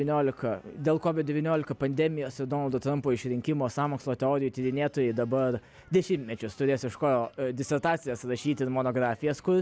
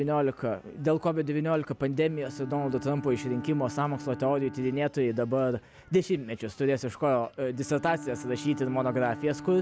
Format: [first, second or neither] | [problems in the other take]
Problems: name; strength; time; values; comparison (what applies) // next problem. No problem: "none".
first | background sound (Bowed string instrument); 15 dB below the speech